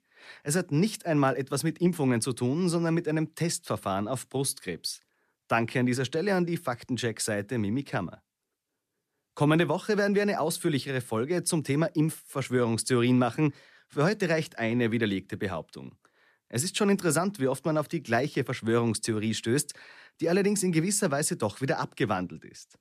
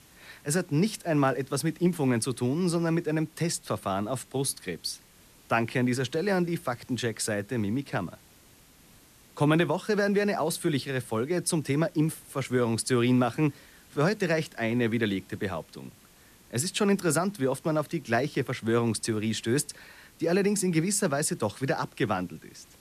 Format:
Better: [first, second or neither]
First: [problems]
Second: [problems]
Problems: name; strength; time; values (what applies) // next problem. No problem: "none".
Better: first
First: none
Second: hiss; faint; throughout; 25 dB below the speech